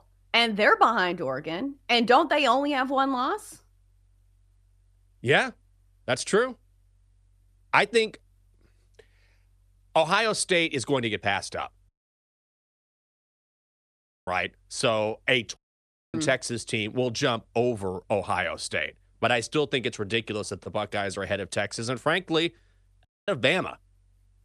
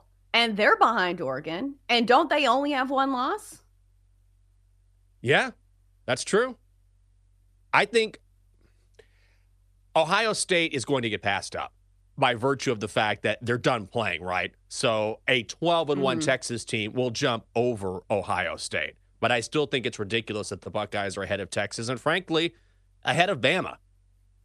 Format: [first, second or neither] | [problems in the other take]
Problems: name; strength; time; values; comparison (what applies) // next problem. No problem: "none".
second | audio cutting out; at 12 s for 2.5 s, at 16 s for 0.5 s and at 23 s